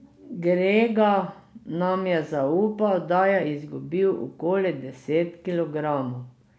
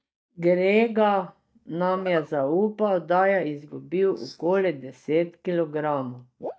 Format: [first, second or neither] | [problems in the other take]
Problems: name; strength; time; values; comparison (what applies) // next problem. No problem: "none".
first | noise reduction (neural mask model DeepFilterNet 3)